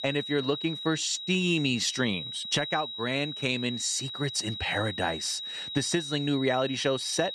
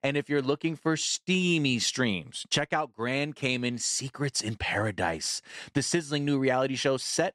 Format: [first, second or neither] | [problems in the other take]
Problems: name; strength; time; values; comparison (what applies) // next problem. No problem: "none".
second | high-pitched whine; loud; throughout; 4 kHz, 6 dB below the speech